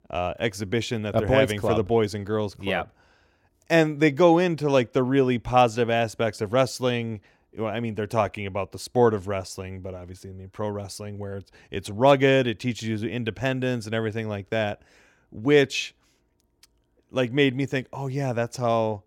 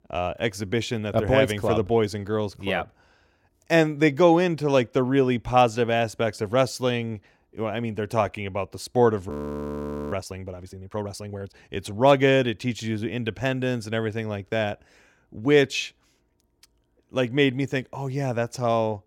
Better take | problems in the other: first | audio freezing; at 9.5 s for 1 s

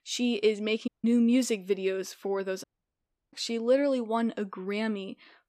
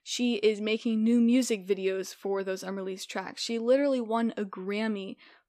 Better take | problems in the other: second | audio cutting out; at 1 s and at 2.5 s for 0.5 s

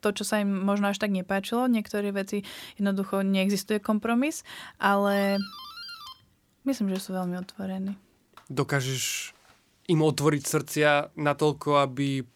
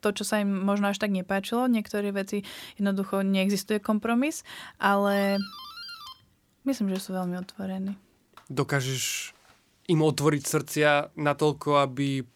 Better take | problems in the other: neither | doorbell; faint; from 5 to 9.5 s; peak 10 dB below the speech; the same in both

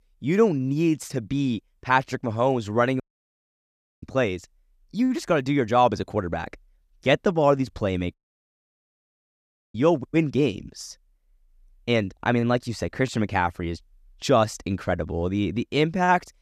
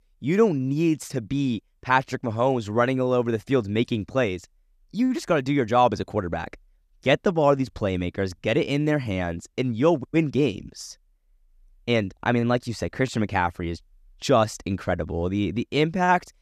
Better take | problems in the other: second | audio cutting out; at 3 s for 1 s and at 8 s for 1.5 s

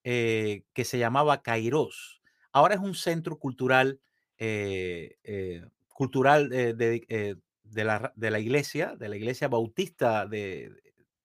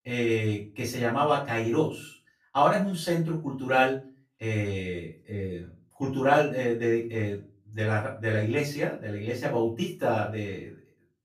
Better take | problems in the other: first | off-mic speech; far // room echo; slight; dies away in 0.3 s

